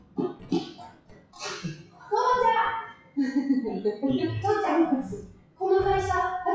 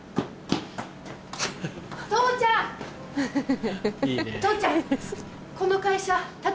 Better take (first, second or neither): second